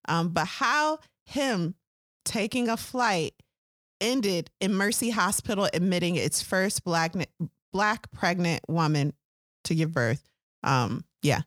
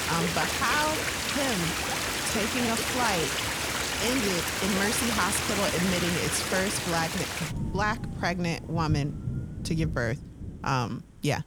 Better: first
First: none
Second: rain or running water; very loud; throughout; 1 dB above the speech

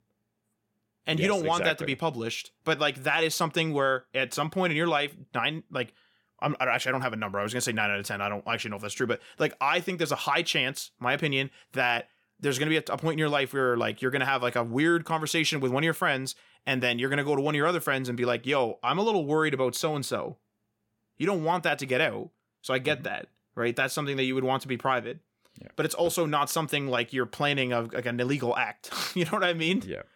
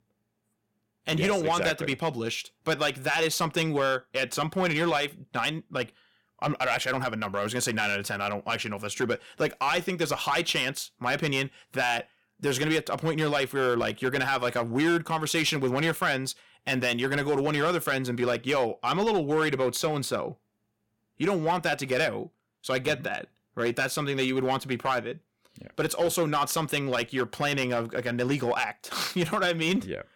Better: first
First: none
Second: distortion; slight; 4% of the sound clipped

